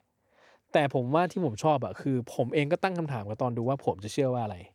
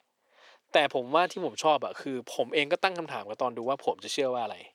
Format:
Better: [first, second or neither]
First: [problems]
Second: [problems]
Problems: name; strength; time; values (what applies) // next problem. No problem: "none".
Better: first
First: none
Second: thin; somewhat; fading below 400 Hz